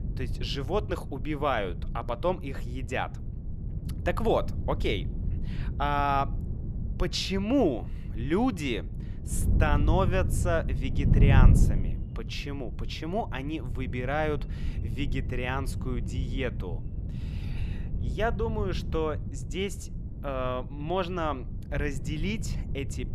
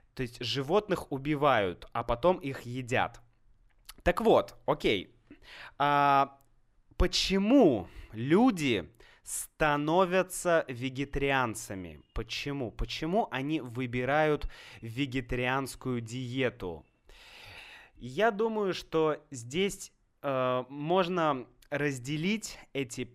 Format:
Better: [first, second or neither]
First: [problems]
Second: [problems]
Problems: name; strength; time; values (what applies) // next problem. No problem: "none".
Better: second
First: wind noise on the microphone; occasional gusts; 15 dB below the speech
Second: none